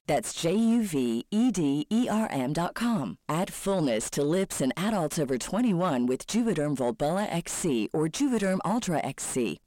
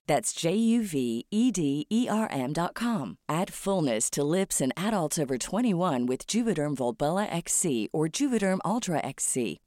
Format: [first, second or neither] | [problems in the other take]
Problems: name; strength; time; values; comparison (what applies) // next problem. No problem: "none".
second | distortion; slight; 10 dB below the speech